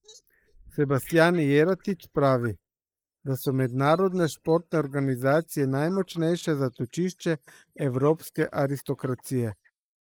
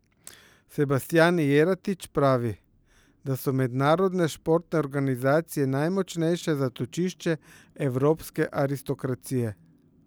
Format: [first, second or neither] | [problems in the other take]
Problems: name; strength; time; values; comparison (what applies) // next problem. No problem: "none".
second | noise reduction (neural mask model Resemble Enhance denoiser)